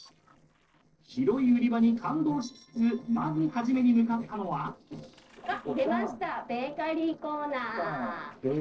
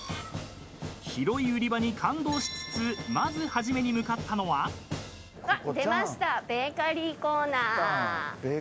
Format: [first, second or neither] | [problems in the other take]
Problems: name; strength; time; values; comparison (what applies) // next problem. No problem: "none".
second | noise reduction (neural separator model SepFormer DNS4)